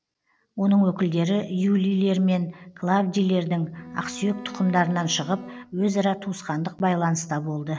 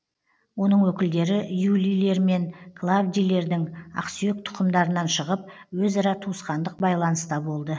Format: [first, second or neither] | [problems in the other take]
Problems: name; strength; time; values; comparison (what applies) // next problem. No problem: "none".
second | background sound (Bowed string instrument); 17 dB below the speech